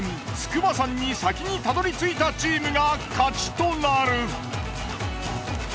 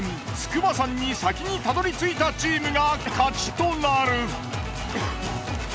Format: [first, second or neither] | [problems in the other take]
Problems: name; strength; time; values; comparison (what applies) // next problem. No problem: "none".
first | background sound (Cough); 17 dB below the speech